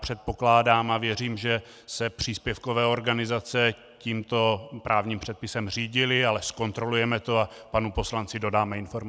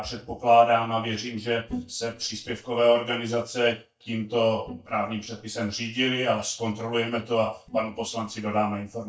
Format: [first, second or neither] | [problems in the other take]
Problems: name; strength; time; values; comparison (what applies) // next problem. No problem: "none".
first | noise reduction (neural mask model DeepFilterNet 3)